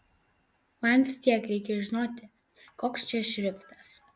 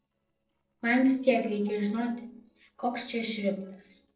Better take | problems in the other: first | noise reduction (neural separator model SepFormer DNS4)

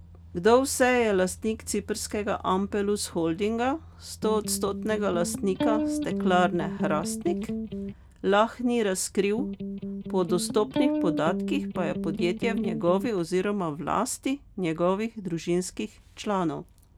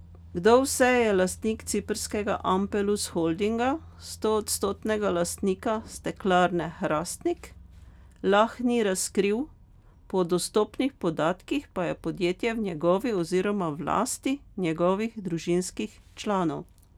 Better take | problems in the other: second | background sound (Electric guitar); 4 dB below the speech

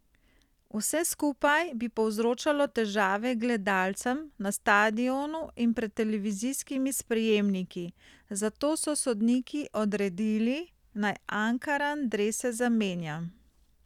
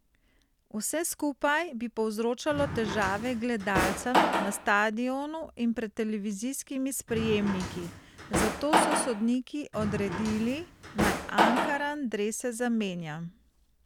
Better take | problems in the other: first | background sound (Drawer open or close); as loud as the speech

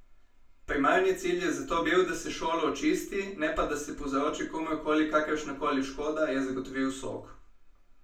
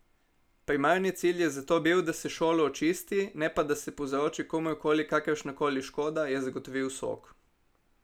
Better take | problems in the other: second | room echo; dies away in 0.3 s

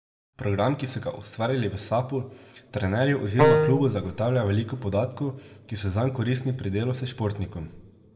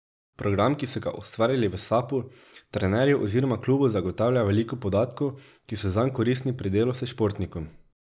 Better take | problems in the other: second | background sound (Wind instrument, woodwind instrument); 5 dB above the speech // room echo; dies away in 1.3 s

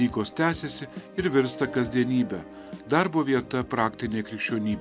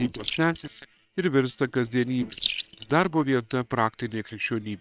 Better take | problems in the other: first | noise reduction (neural separator model SepFormer WHAM!)

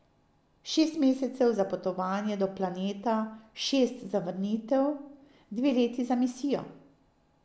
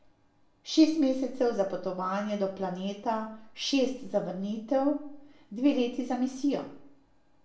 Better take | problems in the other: first | room echo; dies away in 0.3 s

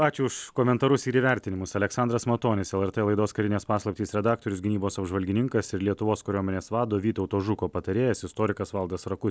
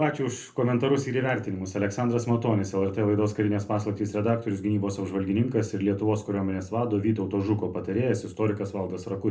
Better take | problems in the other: first | room echo; dies away in 0.3 s

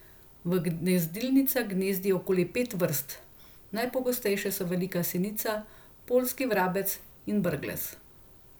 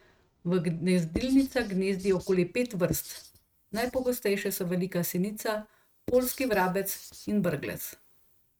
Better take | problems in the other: first | noise reduction (neural mask model RNNoise)

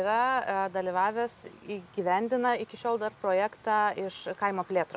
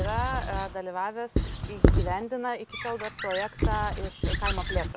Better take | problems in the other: first | background sound (Squeak / Writing); 4 dB above the speech

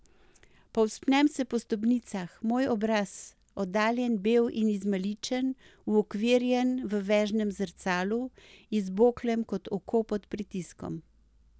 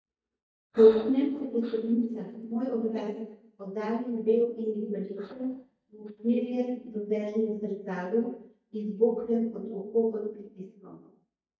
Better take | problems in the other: first | noise reduction (neural mask model DeepFilterNet 3)

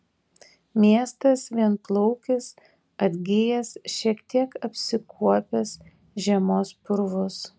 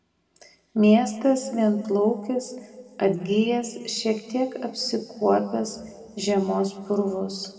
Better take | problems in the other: first | room echo; dies away in 1.7 s

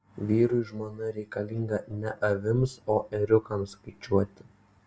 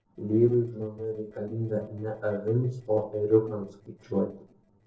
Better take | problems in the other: first | noise reduction (neural separator model SepFormer DNS4)

